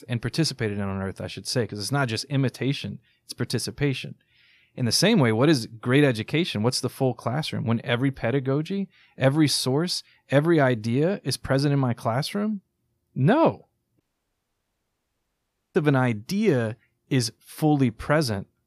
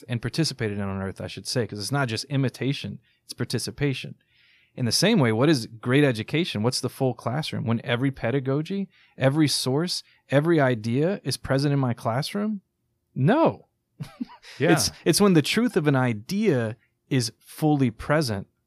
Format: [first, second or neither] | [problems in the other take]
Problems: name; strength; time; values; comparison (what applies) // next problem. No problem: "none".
second | audio cutting out; at 14 s for 1.5 s